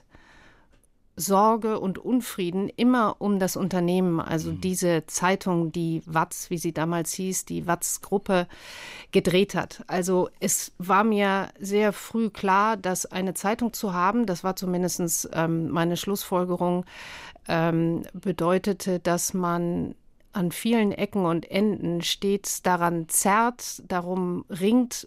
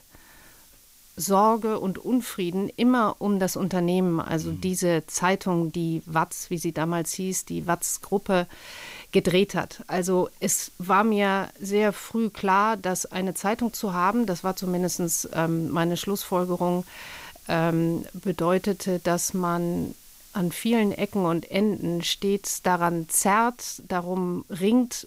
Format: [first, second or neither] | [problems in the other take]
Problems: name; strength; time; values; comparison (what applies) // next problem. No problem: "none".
first | hiss; faint; throughout; 25 dB below the speech